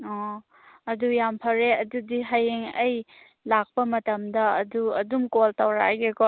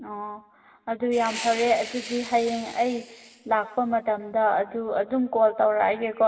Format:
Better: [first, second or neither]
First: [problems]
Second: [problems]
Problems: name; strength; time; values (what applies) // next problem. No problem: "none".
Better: first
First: none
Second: background sound (Fire); 15 dB below the speech // room echo; dies away in 2.1 s